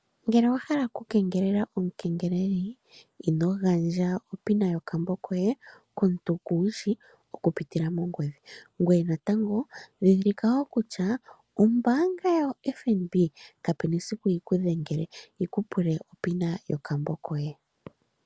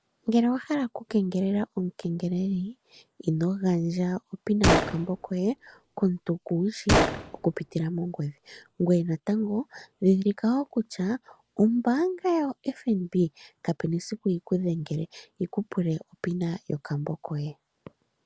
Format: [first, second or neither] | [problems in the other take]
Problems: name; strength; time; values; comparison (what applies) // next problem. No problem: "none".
first | background sound (Gunshot, gunfire); 1 dB below the speech